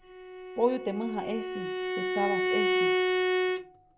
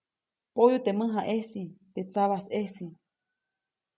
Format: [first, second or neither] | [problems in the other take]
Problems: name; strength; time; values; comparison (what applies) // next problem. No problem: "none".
second | background sound (Bowed string instrument); 4 dB above the speech